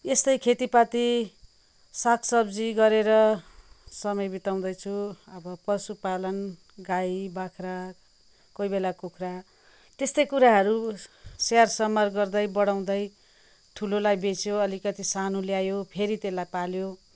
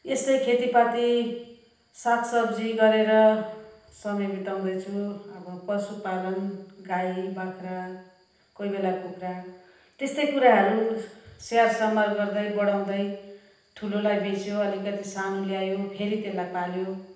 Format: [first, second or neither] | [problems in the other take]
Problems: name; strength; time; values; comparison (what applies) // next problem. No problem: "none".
first | room echo; dies away in 0.9 s